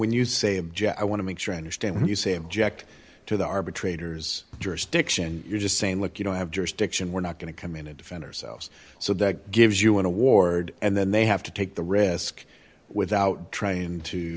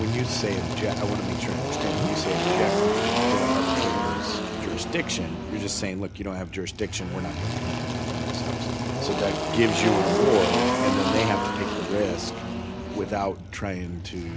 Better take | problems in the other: first | background sound (Engine); 2 dB above the speech

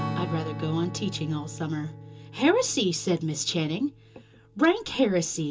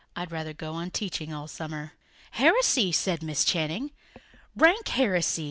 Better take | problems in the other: second | background sound (Strum); 11 dB below the speech // room echo; dies away in 0.2 s

